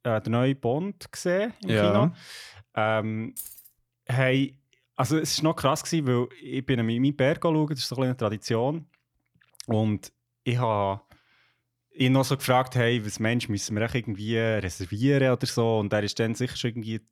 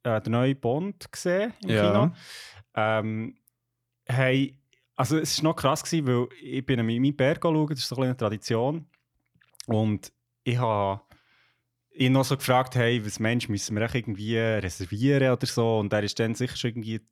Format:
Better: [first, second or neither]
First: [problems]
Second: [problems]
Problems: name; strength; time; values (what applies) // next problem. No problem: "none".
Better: second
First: jangling keys; faint; at 3.5 s; peak 10 dB below the speech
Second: none